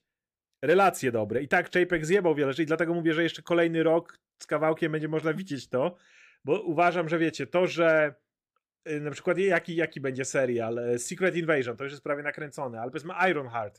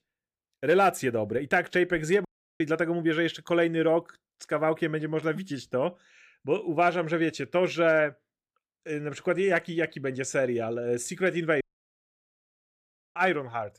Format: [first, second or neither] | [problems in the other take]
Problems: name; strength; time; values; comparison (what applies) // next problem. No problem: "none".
first | audio cutting out; at 2.5 s and at 12 s for 1.5 s